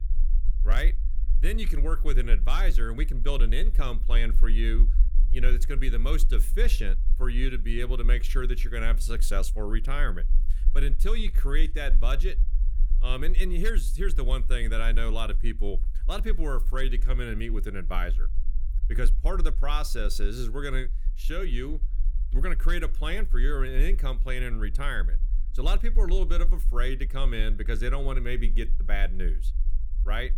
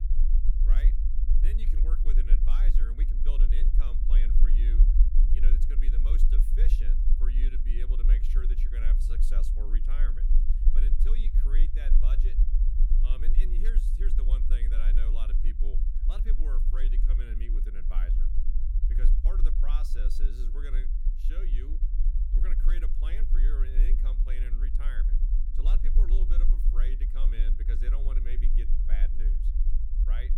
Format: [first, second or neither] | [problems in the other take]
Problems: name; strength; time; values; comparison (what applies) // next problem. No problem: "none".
first | low rumble; loud; throughout; 4 dB below the speech; faint in the first